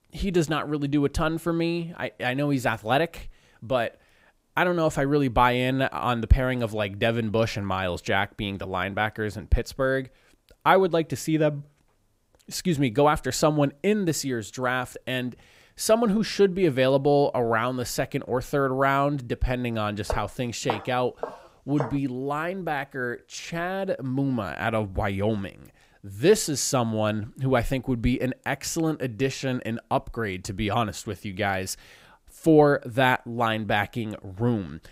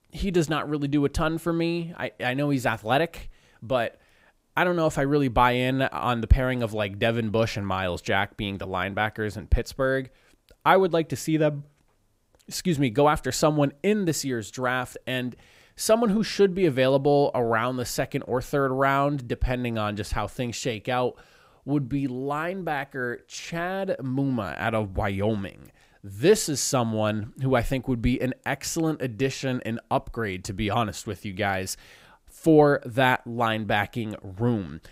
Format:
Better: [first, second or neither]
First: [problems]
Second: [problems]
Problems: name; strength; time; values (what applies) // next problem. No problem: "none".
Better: second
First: footsteps; noticeable; from 20 to 22 s; peak 8 dB below the speech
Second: none